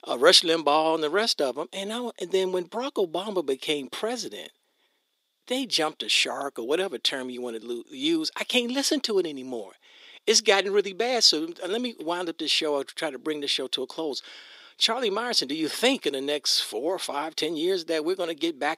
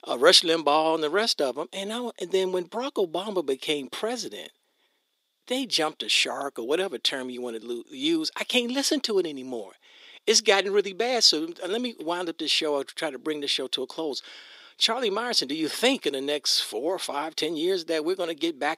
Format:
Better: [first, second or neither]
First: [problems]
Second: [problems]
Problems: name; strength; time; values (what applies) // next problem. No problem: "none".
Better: neither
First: thin; somewhat; fading below 350 Hz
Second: thin; somewhat; fading below 350 Hz